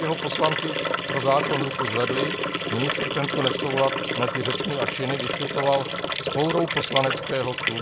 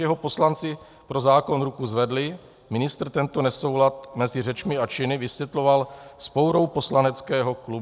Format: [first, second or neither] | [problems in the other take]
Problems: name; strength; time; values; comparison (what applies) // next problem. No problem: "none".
second | background sound (Liquid); 1 dB below the speech